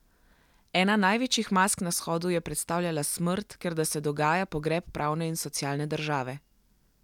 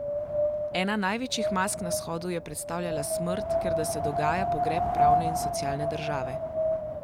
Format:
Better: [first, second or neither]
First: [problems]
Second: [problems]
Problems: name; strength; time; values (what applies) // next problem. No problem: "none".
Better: first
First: none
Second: background sound (Wind); 4 dB above the speech